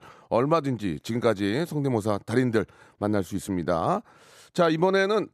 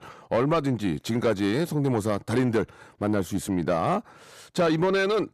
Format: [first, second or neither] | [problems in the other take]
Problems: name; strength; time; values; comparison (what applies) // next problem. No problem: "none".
first | distortion; slight; 10 dB below the speech